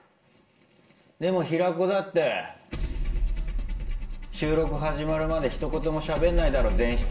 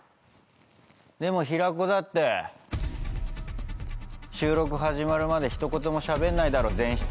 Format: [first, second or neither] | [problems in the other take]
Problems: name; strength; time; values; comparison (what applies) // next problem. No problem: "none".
second | room echo; dies away in 0.5 s